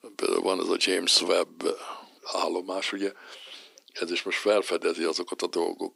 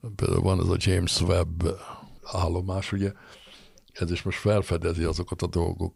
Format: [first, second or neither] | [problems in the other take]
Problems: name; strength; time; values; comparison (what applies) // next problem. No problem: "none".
second | thin; somewhat; fading below 250 Hz